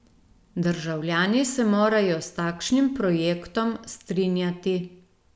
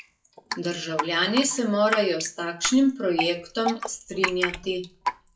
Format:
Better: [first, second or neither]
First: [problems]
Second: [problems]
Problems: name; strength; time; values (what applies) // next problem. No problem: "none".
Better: first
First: none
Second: noise reduction (classical method WPE with log-MMSE)